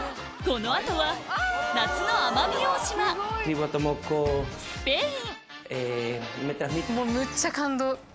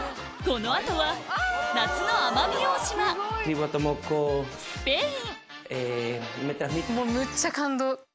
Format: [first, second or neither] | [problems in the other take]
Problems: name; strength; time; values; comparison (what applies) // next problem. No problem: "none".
second | background sound (Sliding door / Slam); 19 dB below the speech